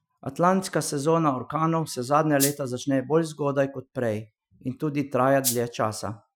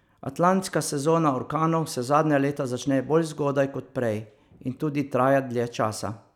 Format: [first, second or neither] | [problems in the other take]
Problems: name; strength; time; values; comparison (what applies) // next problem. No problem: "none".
second | noise reduction (classical method Wiener filter)